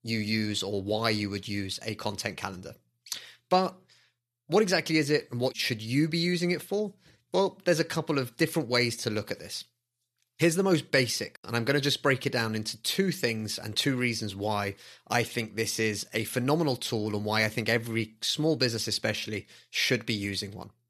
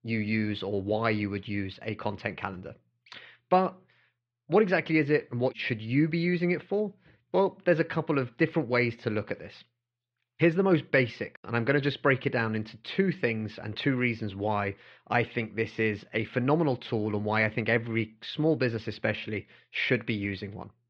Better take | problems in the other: first | muffled; very; fading above 3 kHz

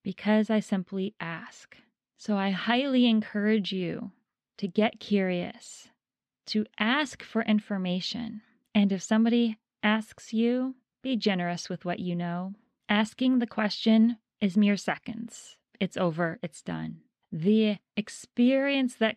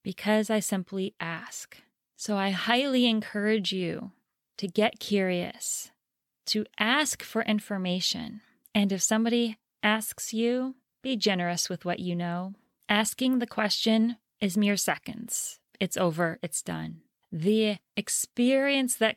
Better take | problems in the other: second | muffled; very slightly; fading above 3.5 kHz

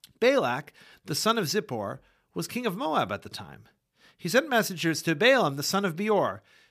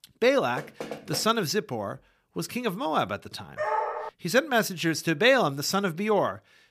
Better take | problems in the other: first | door banging; faint; at 0.5 s; peak 10 dB below the speech // dog barking; noticeable; at 3.5 s; peak 2 dB below the speech

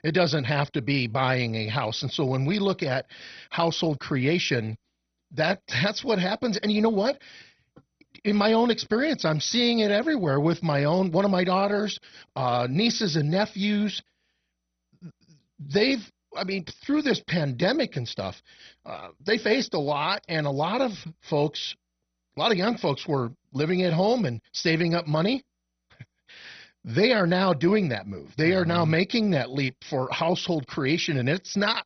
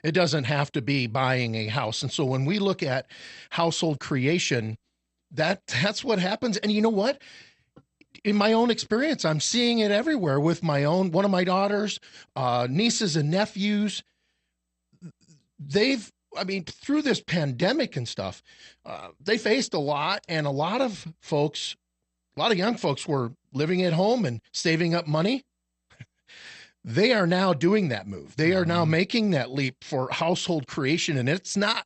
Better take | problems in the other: second | garbled, watery; badly; nothing above 6 kHz; slightly in the second

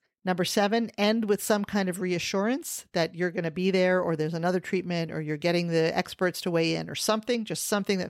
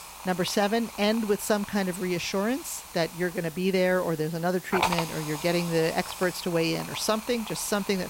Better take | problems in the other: first | hiss; loud; throughout; 9 dB below the speech

